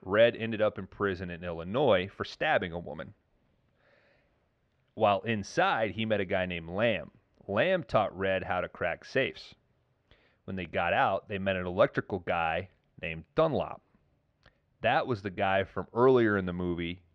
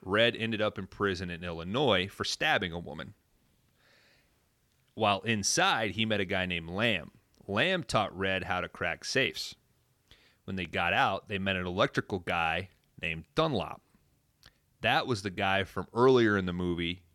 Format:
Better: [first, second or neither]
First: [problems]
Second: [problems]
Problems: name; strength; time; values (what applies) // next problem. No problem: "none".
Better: second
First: muffled; very; fading above 2.5 kHz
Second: none